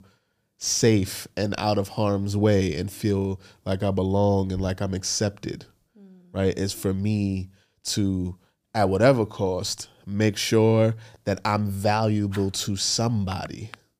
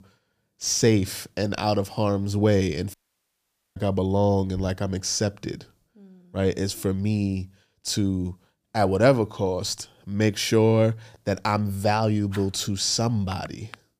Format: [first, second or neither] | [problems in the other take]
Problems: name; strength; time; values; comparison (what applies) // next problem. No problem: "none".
first | audio cutting out; at 3 s for 1 s